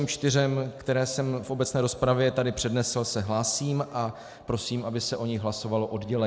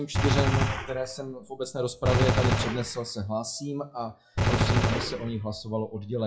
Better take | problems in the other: first | noise reduction (classical method WPE with log-MMSE)

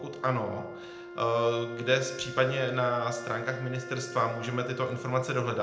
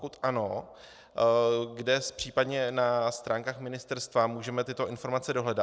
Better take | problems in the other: second | background sound (Wind instrument, woodwind instrument); 12 dB below the speech // room echo; dies away in 0.8 s

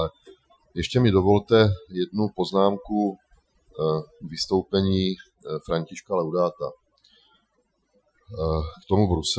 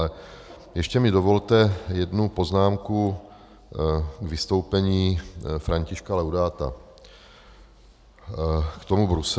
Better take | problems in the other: second | noise reduction (classical method Wiener filter)

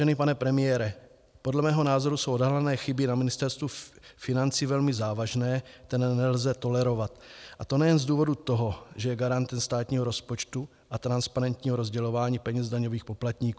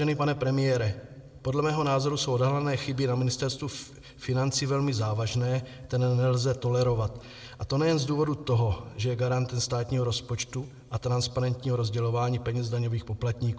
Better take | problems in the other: first | room echo; dies away in 1.6 s

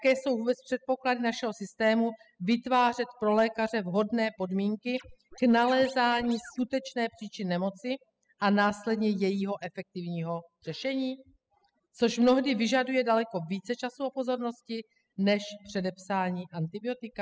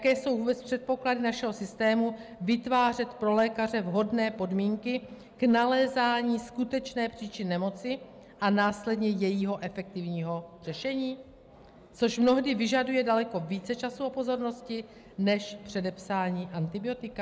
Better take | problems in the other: second | noise reduction (classical method spectral subtraction)

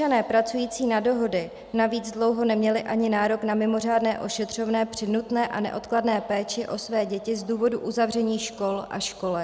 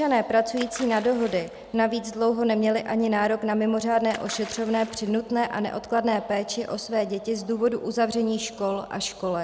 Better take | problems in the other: first | background sound (Splash, splatter); 20 dB below the speech

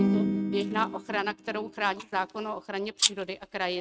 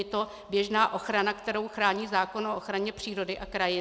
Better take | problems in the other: second | noise reduction (neural mask model RNNoise)

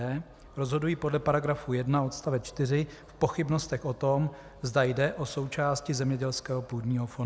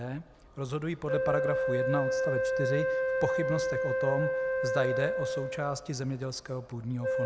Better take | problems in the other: first | background sound (Wind instrument, woodwind instrument); 3 dB above the speech

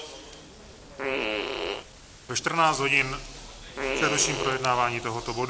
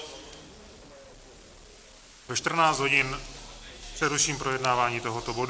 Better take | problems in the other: second | background sound (Fart); 4 dB below the speech

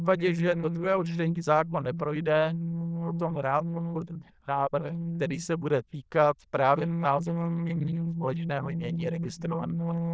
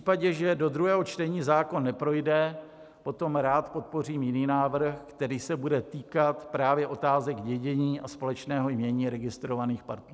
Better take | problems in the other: second | noise reduction (neural diffusion model UNIVERSE++)

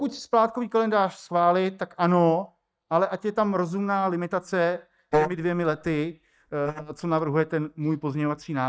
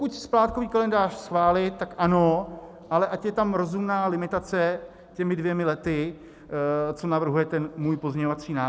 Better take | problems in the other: second | noise reduction (neural mask model DeepFilterNet 3)

